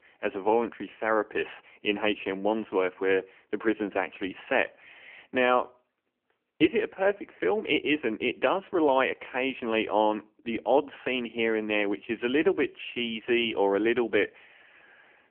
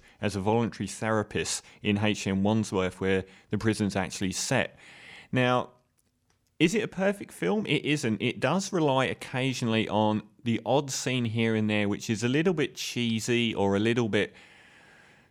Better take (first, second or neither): second